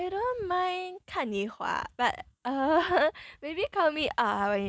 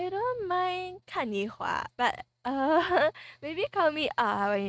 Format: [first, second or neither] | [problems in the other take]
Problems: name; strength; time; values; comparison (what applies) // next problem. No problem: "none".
first | noise reduction (neural mask model RNNoise)